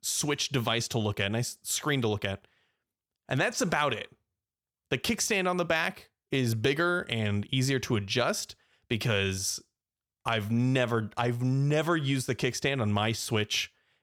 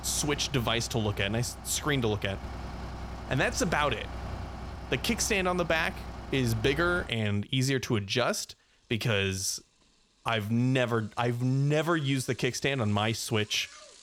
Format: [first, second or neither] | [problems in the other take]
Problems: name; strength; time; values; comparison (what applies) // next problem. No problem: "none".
first | traffic noise; noticeable; throughout; 15 dB below the speech